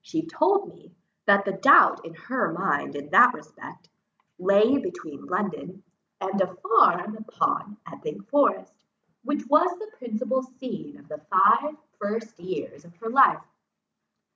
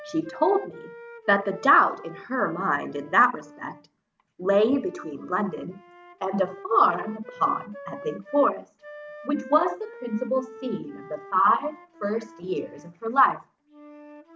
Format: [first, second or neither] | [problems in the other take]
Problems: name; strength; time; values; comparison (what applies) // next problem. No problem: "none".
first | background sound (Wind instrument, woodwind instrument); 18 dB below the speech